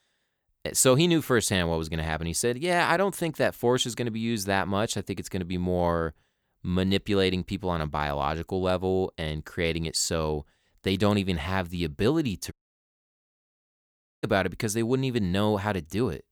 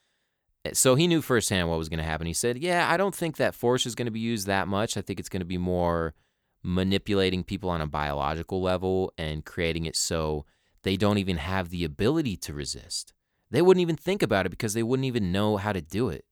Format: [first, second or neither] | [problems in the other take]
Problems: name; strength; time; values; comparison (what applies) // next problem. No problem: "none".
second | audio cutting out; at 13 s for 1.5 s